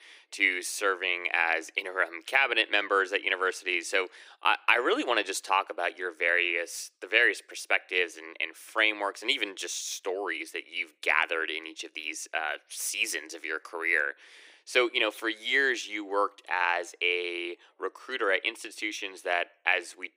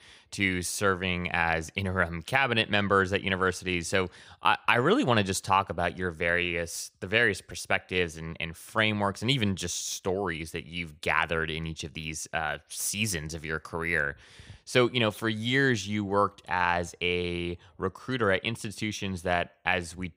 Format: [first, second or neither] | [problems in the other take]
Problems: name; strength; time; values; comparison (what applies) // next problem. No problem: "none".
second | thin; very; fading below 300 Hz